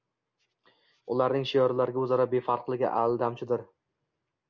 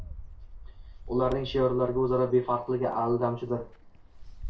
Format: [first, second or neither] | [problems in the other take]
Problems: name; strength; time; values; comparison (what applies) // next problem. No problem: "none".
first | background sound (Bird); 13 dB below the speech // room echo; dies away in 0.3 s